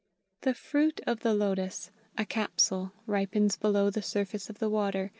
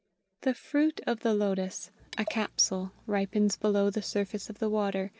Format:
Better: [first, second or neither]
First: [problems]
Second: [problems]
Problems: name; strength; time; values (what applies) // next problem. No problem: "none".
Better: first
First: none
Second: background sound (Liquid); 19 dB below the speech